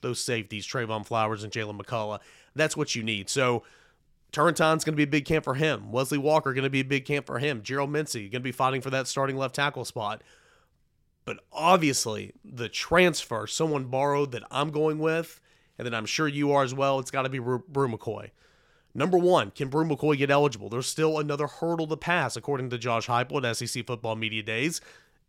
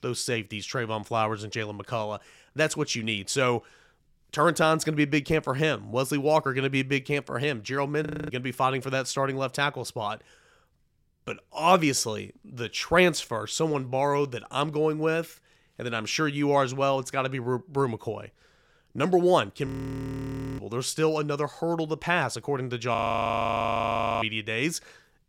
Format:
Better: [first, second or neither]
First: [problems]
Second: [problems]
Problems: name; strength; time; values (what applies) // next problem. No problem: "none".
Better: first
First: none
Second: audio freezing; at 8 s, at 20 s for 1 s and at 23 s for 1.5 s